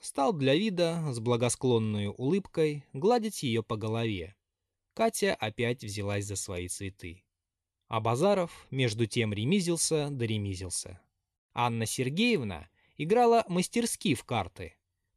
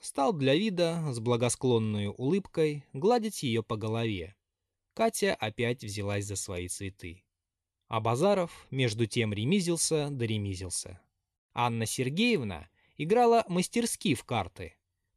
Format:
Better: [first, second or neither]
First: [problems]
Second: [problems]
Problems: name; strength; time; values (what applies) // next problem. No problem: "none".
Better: neither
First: none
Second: none